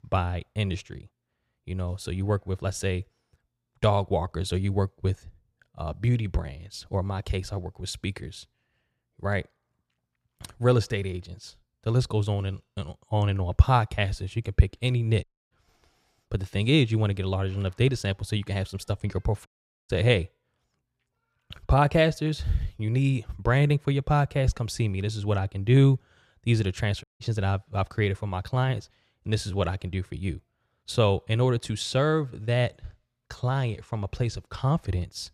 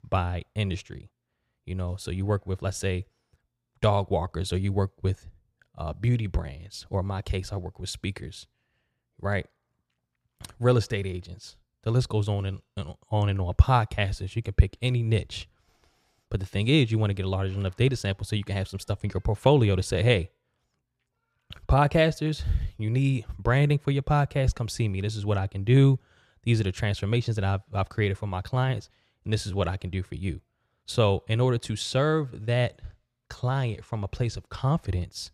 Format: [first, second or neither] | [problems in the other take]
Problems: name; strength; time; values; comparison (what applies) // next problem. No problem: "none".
second | audio cutting out; at 15 s, at 19 s and at 27 s